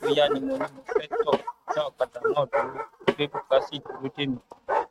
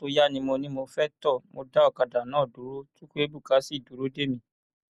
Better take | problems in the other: second | noise reduction (neural mask model RNNoise)

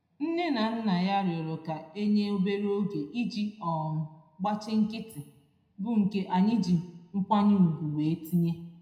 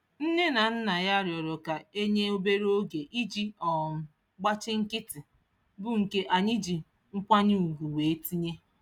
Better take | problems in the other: second | room echo; dies away in 0.7 s

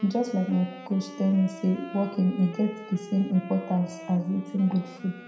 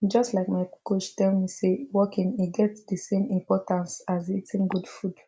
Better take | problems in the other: second | background sound (Wind instrument, woodwind instrument); 16 dB below the speech // room echo; dies away in 0.7 s

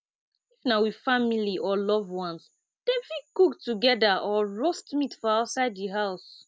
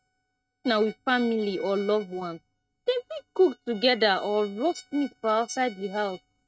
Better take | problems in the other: first | noise reduction (neural mask model RNNoise)

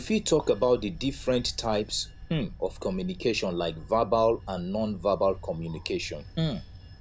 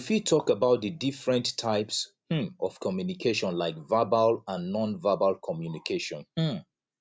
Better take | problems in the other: second | background sound (Bell / Train); 15 dB below the speech

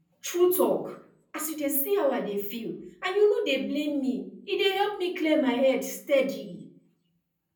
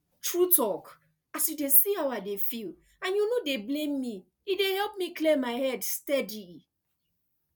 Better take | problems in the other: second | room echo; dies away in 0.6 s

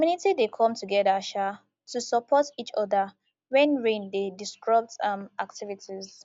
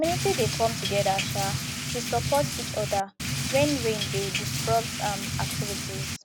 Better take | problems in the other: first | background sound (Drip / Rain); 1 dB below the speech

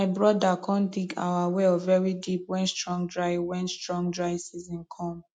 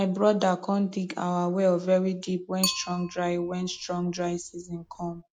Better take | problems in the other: first | background sound (Bicycle); 12 dB below the speech

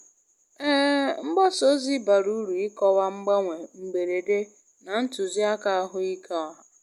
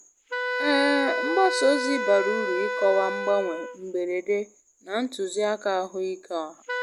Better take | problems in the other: first | background sound (Wind instrument, woodwind instrument); 4 dB below the speech

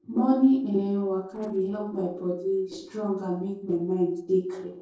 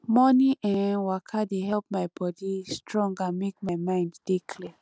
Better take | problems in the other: second | noise reduction (neural separator model SepFormer DNS4)

